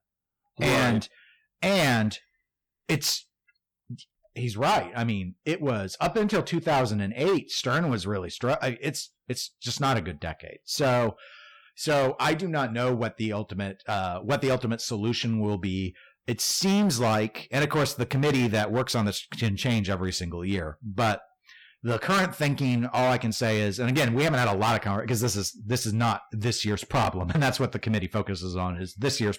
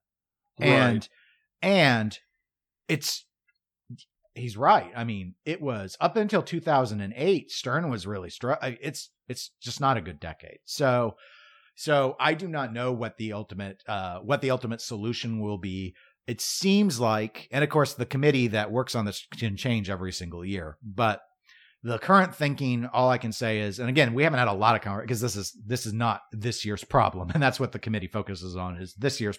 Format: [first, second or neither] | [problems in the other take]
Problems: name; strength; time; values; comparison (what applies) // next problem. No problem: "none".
second | distortion; heavy; 10% of the sound clipped